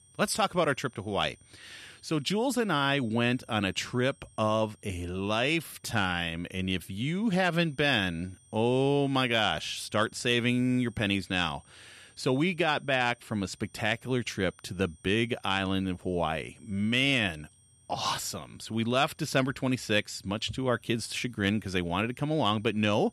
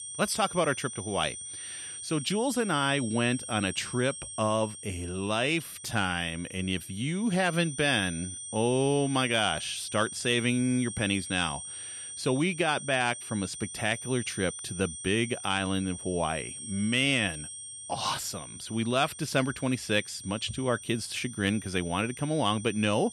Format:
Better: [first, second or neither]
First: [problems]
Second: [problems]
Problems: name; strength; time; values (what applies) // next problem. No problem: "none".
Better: first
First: high-pitched whine; faint; throughout; 8.5 kHz, 30 dB below the speech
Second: high-pitched whine; loud; throughout; 8.5 kHz, 10 dB below the speech